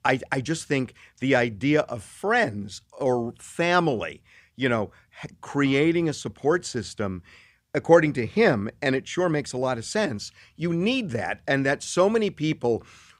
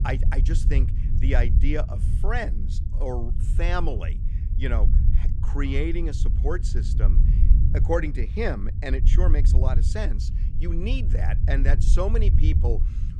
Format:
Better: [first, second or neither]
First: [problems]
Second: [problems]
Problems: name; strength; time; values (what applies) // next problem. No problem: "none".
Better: first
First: none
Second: low rumble; loud; throughout; 10 dB below the speech